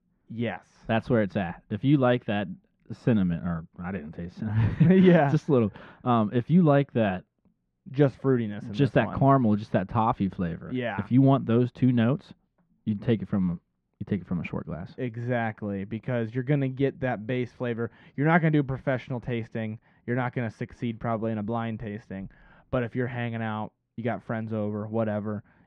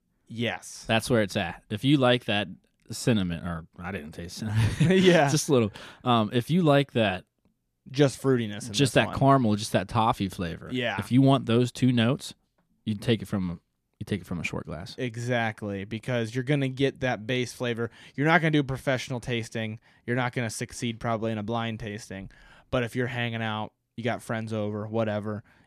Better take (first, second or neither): second